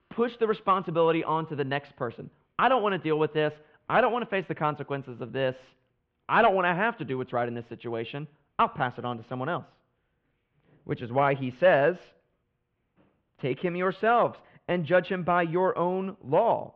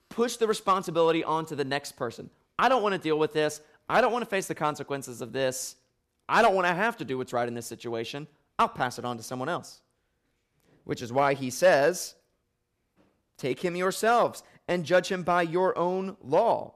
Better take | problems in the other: second | muffled; very; fading above 3 kHz

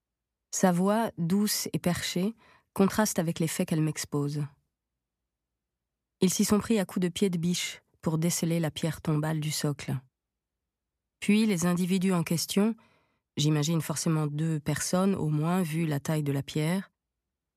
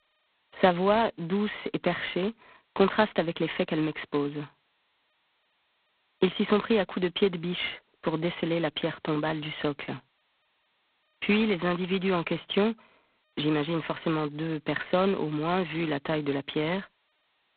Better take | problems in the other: first | phone-call audio; poor line; nothing above 4 kHz

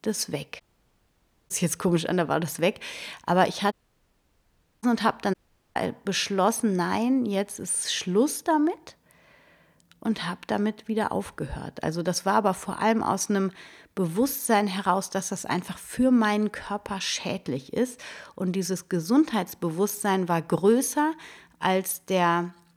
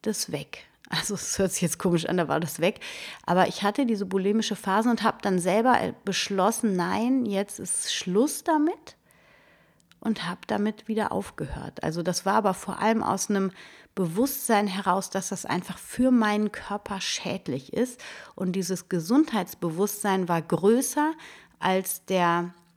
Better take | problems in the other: second | audio cutting out; at 0.5 s for 1 s, at 3.5 s for 1 s and at 5.5 s

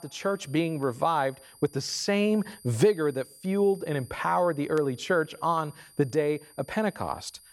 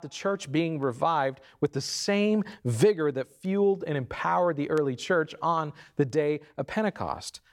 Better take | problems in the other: second | high-pitched whine; faint; throughout; 9.5 kHz, 25 dB below the speech

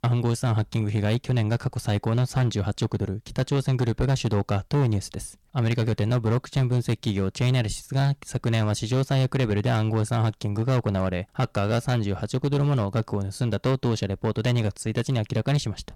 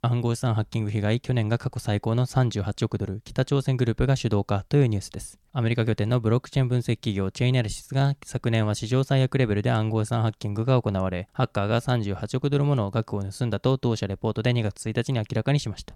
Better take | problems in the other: second | distortion; slight; 10% of the sound clipped

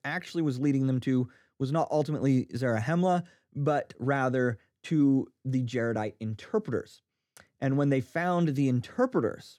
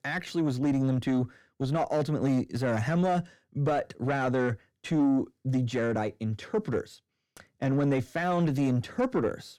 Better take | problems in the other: first | distortion; slight; 10 dB below the speech

